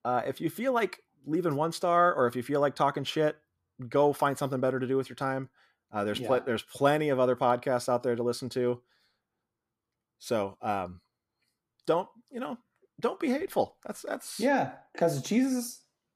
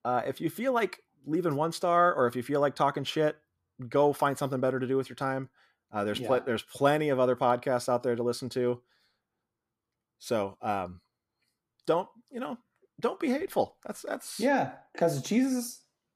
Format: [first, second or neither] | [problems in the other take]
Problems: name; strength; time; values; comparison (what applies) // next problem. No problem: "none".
neither | none